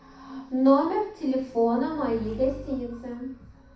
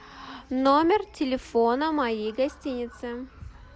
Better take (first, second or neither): second